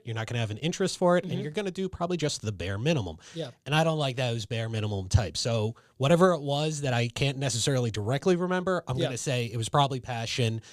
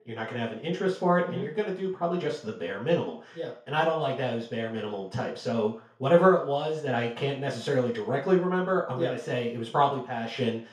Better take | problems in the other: first | room echo; slight; dies away in 0.5 s // off-mic speech; far

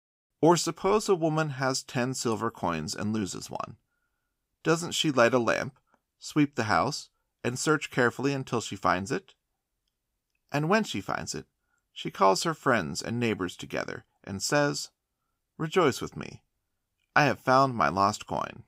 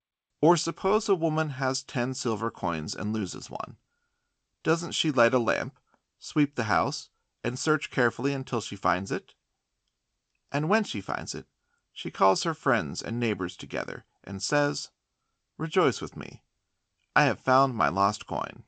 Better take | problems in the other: first | garbled, watery; slightly; nothing above 8 kHz

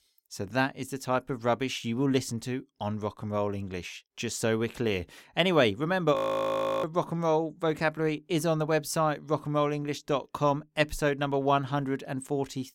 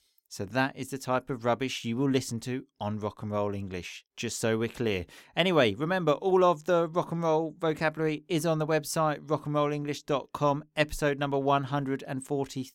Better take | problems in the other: second | audio freezing; at 6 s for 0.5 s

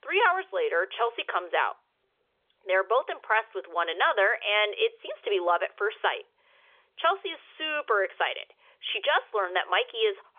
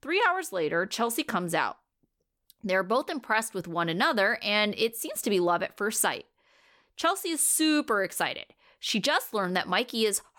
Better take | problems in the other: second | phone-call audio; nothing above 3.5 kHz

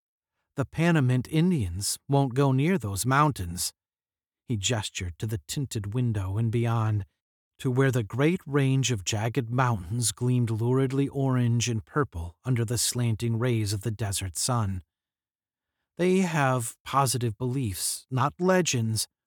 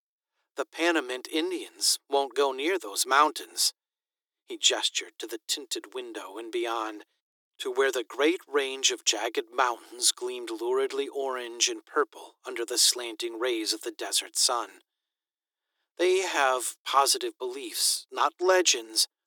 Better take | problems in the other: first | thin; very; fading below 300 Hz

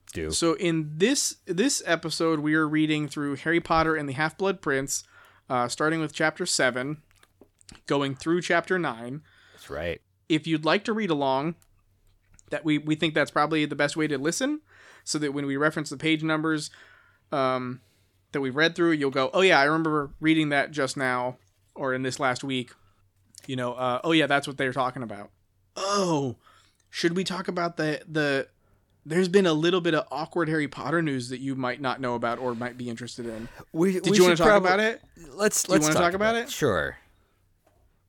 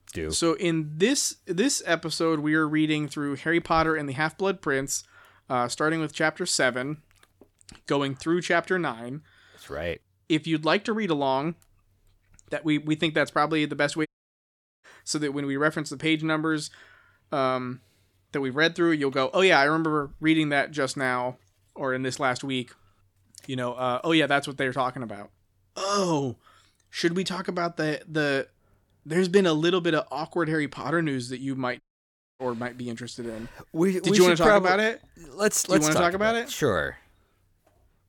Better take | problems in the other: first | audio cutting out; at 14 s for 1 s and at 32 s for 0.5 s

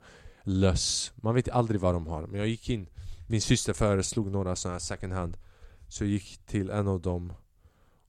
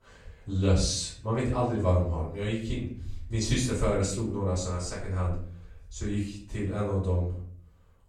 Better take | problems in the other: first | off-mic speech; far // room echo; noticeable; dies away in 0.5 s

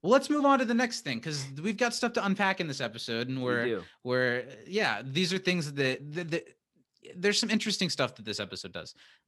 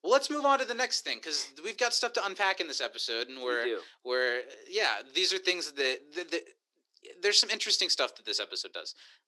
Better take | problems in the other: first | thin; somewhat; fading below 350 Hz

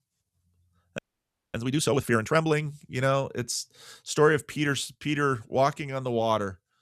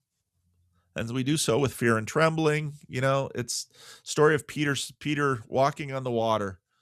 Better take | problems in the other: second | audio freezing; at 1 s for 0.5 s

